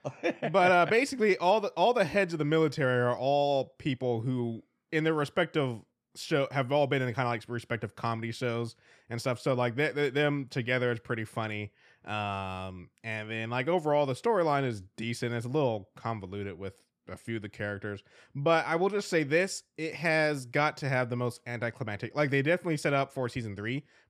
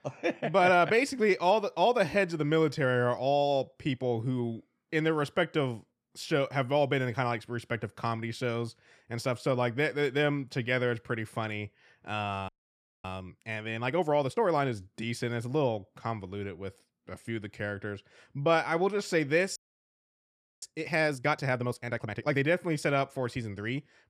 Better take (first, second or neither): first